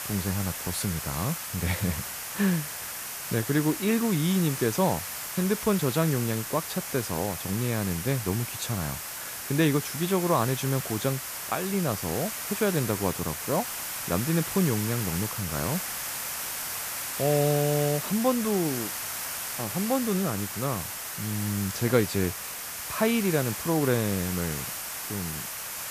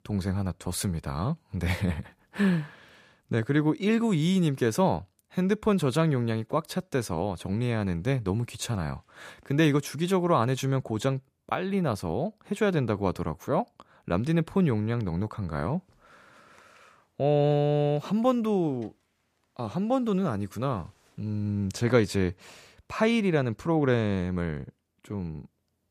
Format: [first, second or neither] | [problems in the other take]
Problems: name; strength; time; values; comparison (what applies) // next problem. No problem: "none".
second | hiss; loud; throughout; 4 dB below the speech